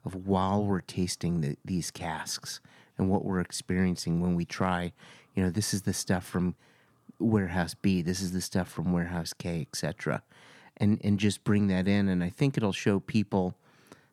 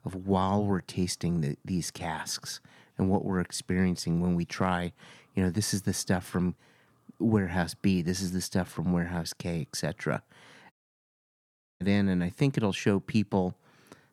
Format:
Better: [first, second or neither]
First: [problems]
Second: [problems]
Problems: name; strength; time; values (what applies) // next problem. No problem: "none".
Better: first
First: none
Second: audio cutting out; at 11 s for 1 s